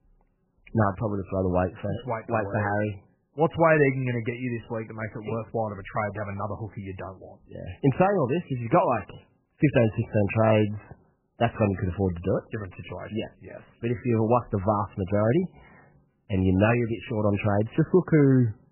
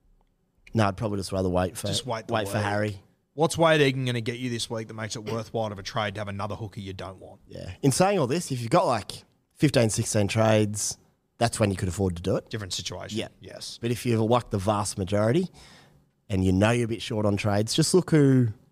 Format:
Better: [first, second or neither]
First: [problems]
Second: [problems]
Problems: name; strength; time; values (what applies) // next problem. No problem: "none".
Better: second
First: garbled, watery; badly; nothing above 3 kHz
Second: none